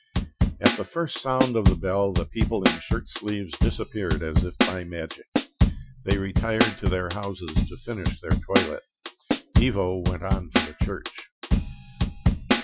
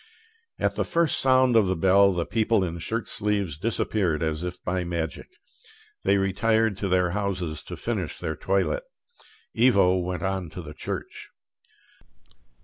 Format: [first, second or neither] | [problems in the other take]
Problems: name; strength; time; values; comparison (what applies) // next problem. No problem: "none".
second | noise reduction (classical method Wiener filter)